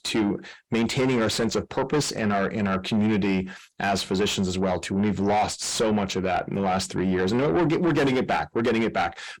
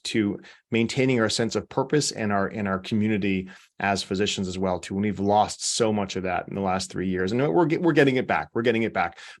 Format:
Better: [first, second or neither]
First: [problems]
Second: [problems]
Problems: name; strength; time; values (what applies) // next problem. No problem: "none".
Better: second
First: distortion; heavy; 7 dB below the speech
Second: none